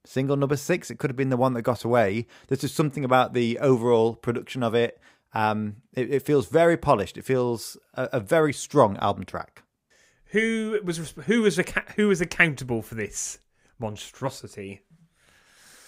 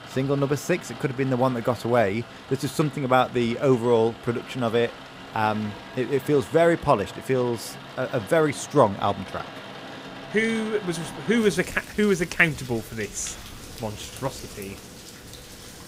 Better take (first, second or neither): first